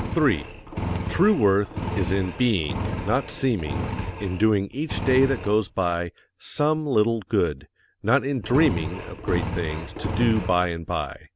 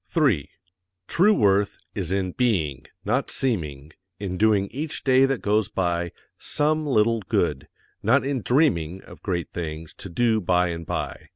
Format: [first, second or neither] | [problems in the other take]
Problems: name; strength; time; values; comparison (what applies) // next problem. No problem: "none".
second | background sound (Engine); 7 dB below the speech